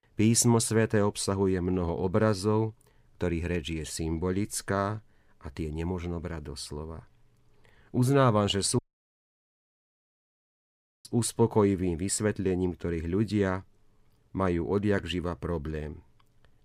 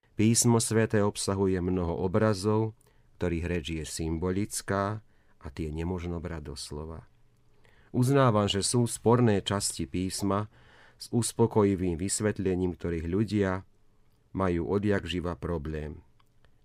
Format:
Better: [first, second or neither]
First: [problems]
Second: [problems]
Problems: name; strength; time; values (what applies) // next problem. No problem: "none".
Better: second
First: audio cutting out; at 9 s for 2.5 s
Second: none